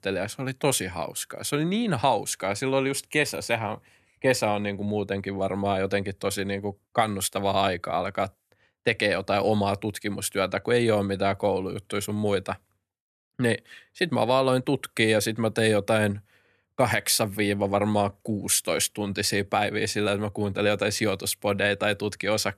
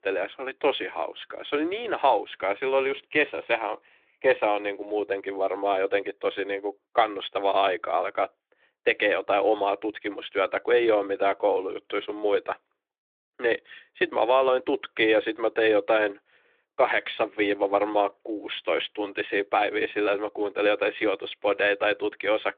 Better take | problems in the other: first | phone-call audio; nothing above 3.5 kHz

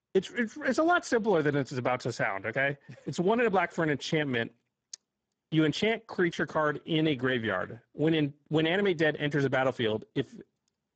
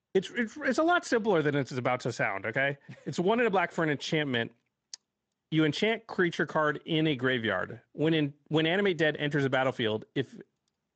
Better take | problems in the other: second | garbled, watery; badly; nothing above 7.5 kHz; slightly in the second

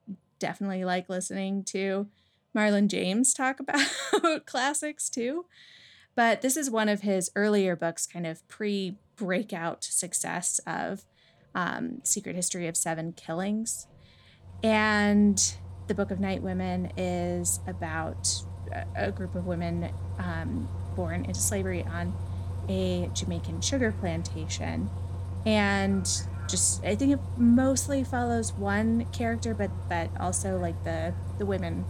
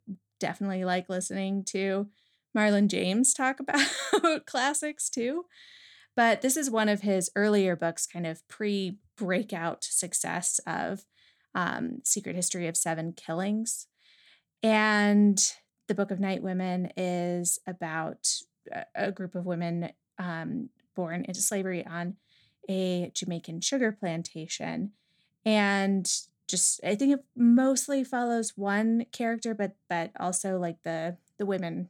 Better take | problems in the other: second | traffic noise; loud; throughout; 8 dB below the speech

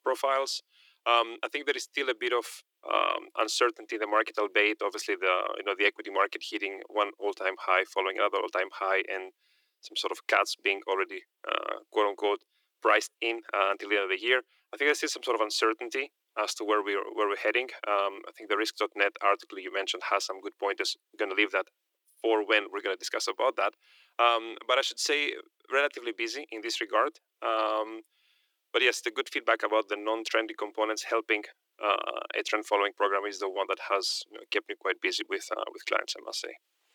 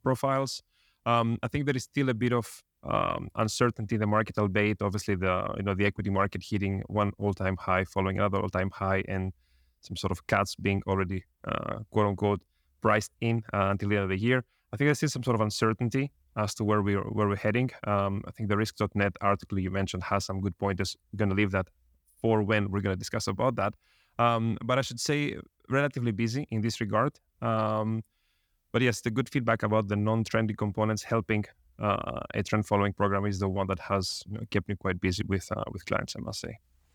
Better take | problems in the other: second | thin; very; fading below 300 Hz

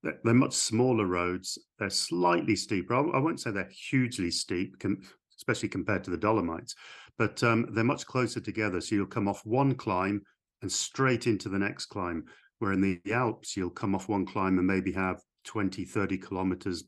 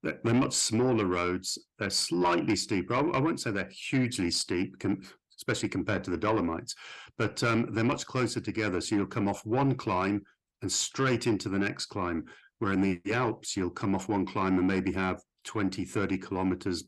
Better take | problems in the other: first | distortion; slight; 10 dB below the speech

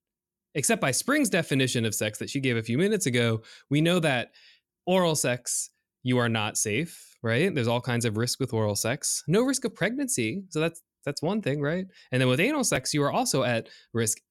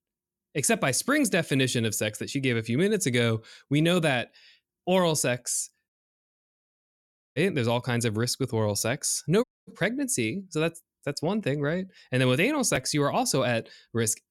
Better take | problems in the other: first | audio cutting out; at 6 s for 1.5 s and at 9.5 s

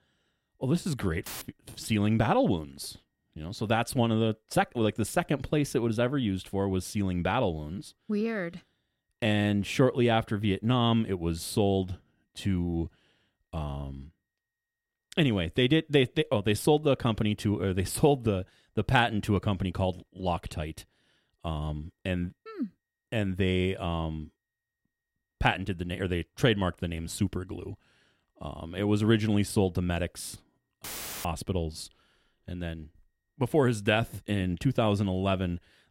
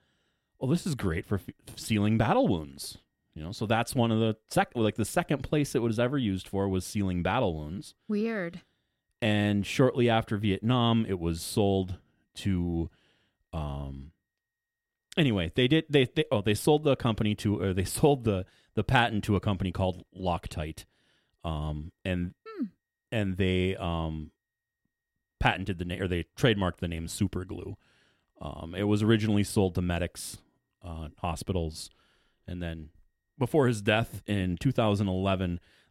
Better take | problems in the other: second | audio cutting out; filled with static; at 1.5 s and at 31 s

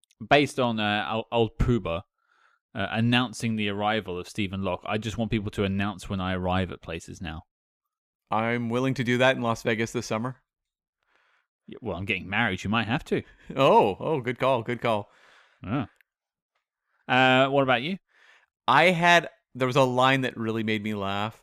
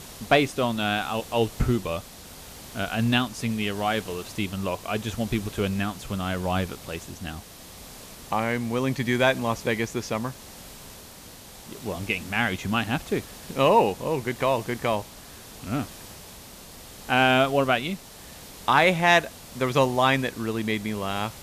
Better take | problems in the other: first | hiss; noticeable; throughout; 15 dB below the speech

